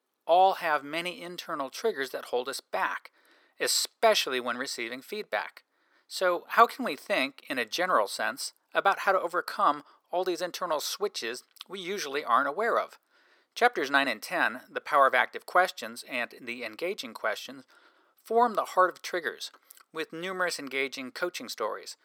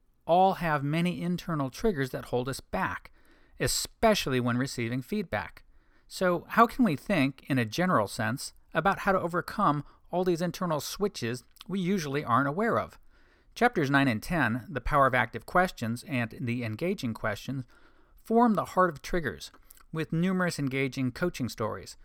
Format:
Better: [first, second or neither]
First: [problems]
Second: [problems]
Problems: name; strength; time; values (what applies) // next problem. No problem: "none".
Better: second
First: thin; very; fading below 400 Hz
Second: none